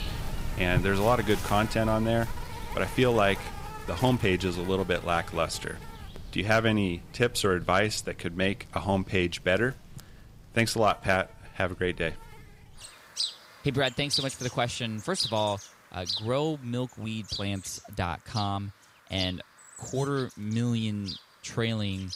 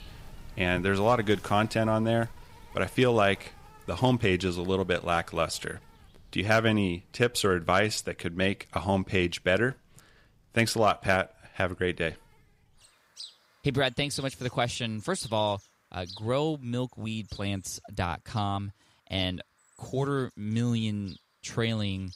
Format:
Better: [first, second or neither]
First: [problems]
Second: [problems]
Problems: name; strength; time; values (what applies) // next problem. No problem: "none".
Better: second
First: animal sounds; loud; throughout; 9 dB below the speech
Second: animal sounds; faint; throughout; 20 dB below the speech